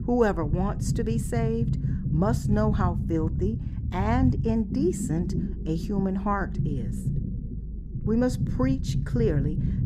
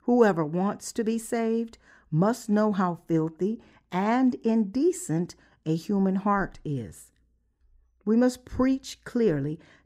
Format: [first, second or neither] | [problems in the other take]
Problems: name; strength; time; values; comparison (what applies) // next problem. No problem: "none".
second | low rumble; loud; throughout; 10 dB below the speech